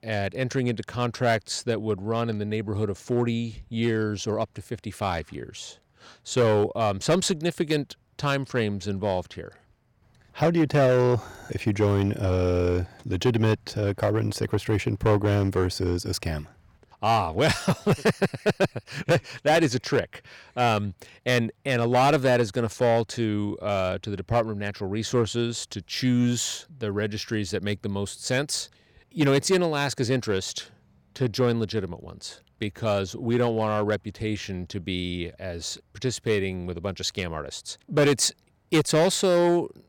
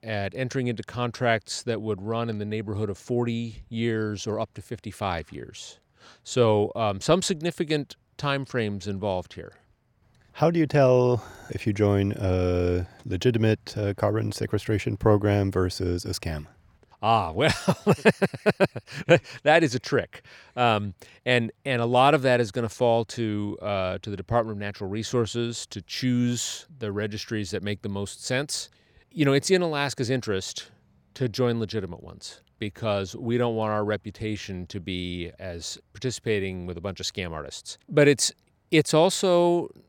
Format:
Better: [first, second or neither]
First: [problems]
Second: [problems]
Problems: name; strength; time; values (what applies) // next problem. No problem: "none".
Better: second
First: distortion; slight; 4% of the sound clipped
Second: none